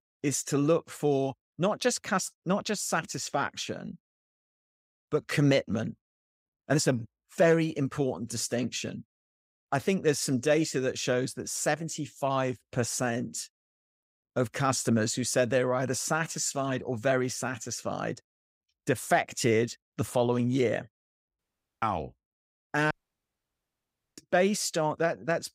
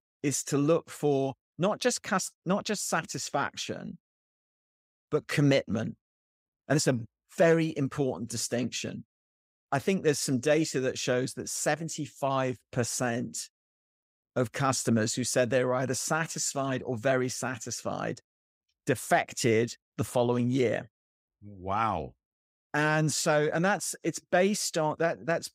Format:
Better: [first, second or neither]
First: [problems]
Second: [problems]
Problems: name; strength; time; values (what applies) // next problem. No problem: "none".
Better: second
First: audio cutting out; at 21 s and at 23 s for 1.5 s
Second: none